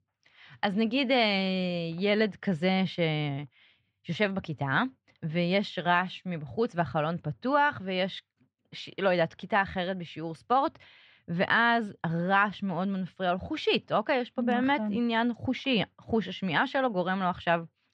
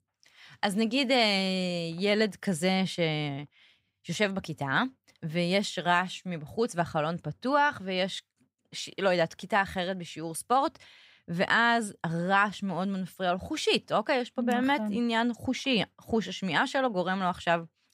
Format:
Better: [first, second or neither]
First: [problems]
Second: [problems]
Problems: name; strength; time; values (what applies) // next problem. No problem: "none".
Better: second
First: muffled; very slightly; fading above 3.5 kHz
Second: none